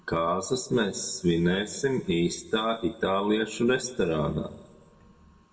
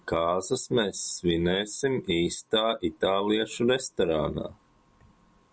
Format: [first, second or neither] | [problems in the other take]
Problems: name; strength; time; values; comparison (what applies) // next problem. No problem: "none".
second | room echo; dies away in 1 s